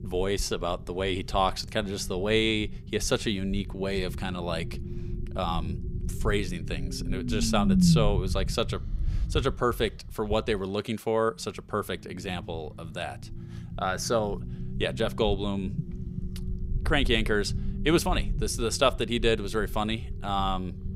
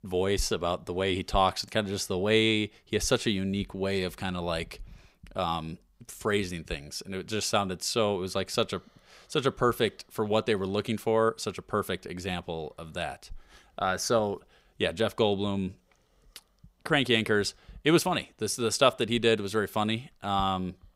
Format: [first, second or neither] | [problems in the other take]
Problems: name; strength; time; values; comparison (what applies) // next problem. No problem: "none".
second | low rumble; noticeable; throughout; 15 dB below the speech